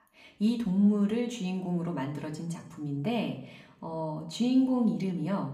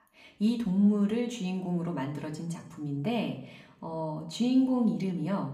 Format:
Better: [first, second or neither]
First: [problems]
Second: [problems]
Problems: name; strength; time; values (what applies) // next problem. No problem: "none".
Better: neither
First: room echo; slight; dies away in 0.6 s // off-mic speech; somewhat distant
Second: room echo; slight; dies away in 0.6 s // off-mic speech; somewhat distant